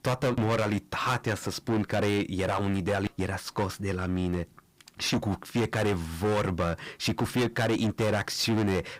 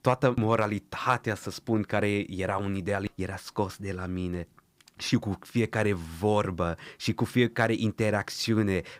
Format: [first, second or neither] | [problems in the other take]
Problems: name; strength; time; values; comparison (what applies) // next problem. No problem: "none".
second | distortion; heavy; 16% of the sound clipped